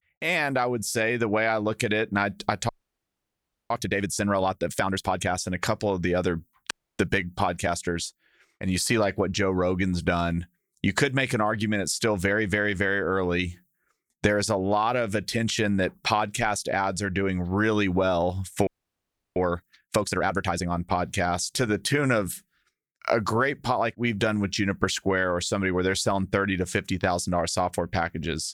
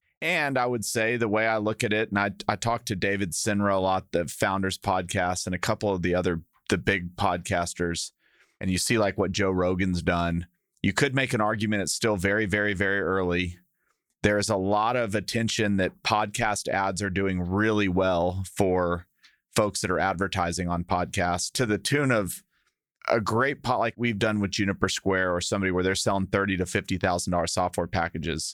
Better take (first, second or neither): second